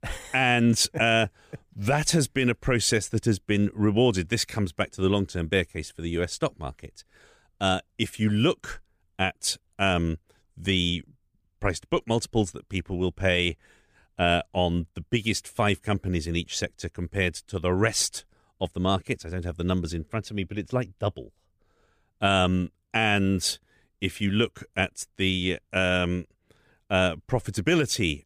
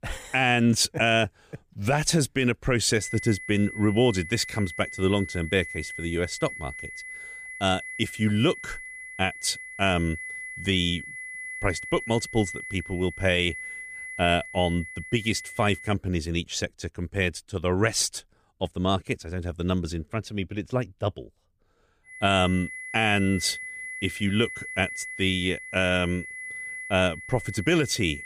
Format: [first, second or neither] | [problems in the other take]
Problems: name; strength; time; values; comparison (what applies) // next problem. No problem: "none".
first | high-pitched whine; noticeable; from 3 to 16 s and from 22 s on; 2 kHz, 10 dB below the speech